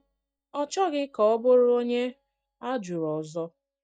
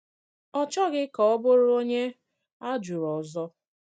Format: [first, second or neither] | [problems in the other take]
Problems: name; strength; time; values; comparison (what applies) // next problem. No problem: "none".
second | noise reduction (neural mask model DeepFilterNet 3)